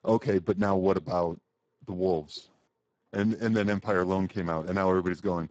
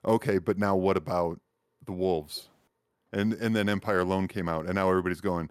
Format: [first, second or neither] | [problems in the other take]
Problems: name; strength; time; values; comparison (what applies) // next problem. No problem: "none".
second | garbled, watery; badly